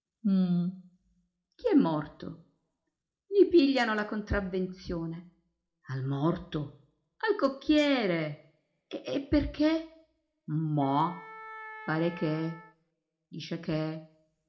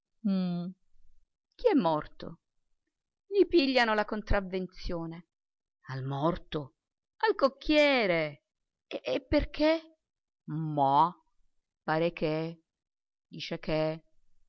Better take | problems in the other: second | background sound (Wind instrument, woodwind instrument); 16 dB below the speech // room echo; dies away in 0.4 s

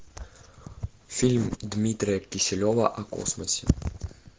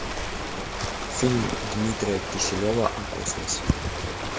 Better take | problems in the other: first | background sound (Ocean); 3 dB below the speech

